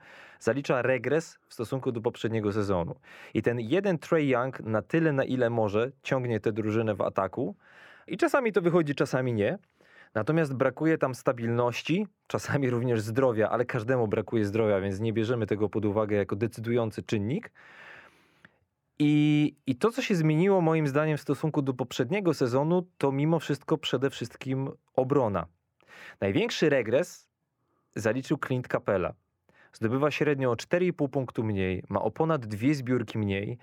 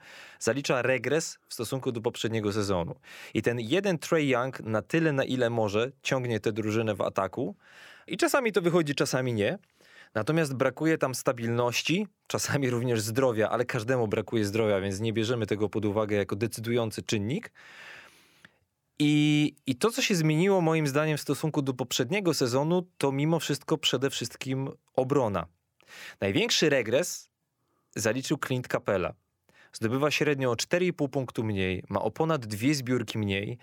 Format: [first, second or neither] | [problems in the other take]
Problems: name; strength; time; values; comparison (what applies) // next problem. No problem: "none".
second | muffled; slightly; fading above 3 kHz